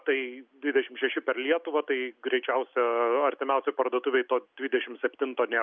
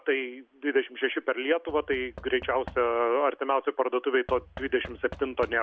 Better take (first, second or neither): first